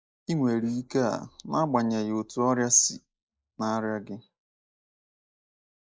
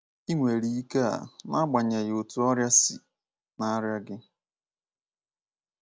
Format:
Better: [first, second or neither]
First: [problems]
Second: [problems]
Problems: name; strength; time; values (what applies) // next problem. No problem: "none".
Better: second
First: noise reduction (neural mask model Resemble Enhance denoiser)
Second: none